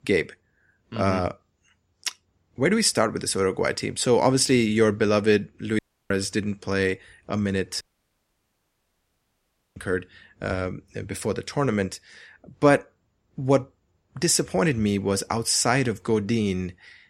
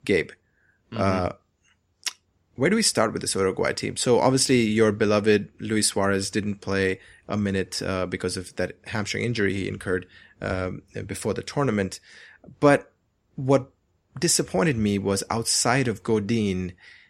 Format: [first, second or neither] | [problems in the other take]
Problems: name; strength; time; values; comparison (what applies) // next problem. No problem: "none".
second | audio cutting out; at 6 s and at 8 s for 2 s